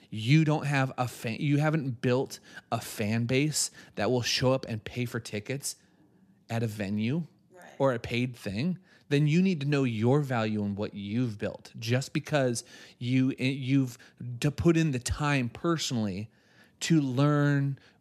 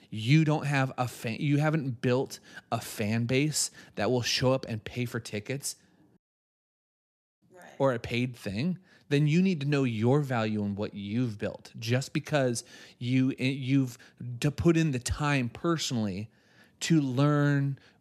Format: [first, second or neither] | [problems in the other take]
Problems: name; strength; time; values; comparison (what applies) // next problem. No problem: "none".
first | audio cutting out; at 6 s for 1.5 s